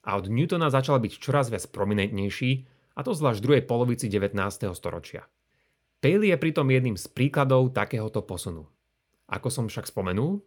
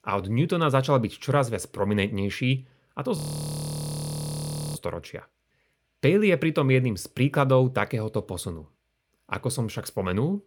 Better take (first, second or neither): first